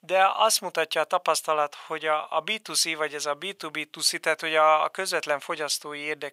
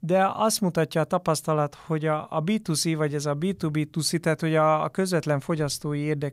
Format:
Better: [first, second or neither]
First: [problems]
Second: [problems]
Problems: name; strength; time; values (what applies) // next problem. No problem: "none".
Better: second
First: thin; very; fading below 750 Hz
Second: none